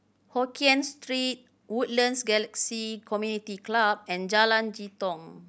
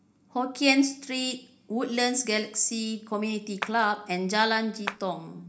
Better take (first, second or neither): first